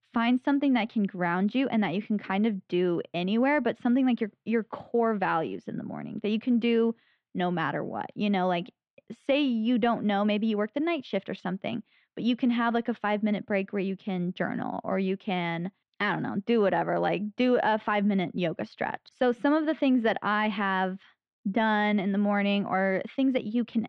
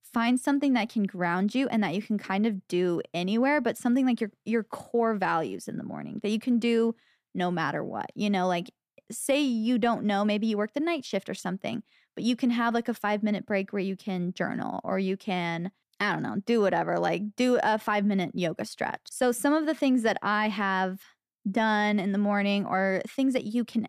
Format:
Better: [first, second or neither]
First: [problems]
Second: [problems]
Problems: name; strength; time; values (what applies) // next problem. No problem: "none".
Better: second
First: muffled; slightly; fading above 3.5 kHz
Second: none